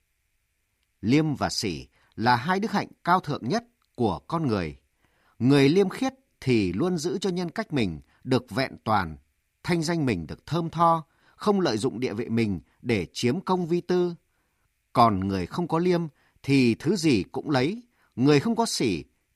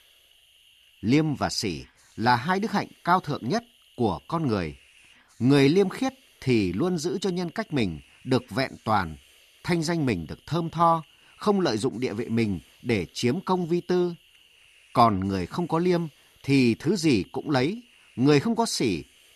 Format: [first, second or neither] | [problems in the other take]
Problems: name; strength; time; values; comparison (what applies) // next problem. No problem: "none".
first | hiss; faint; throughout; 30 dB below the speech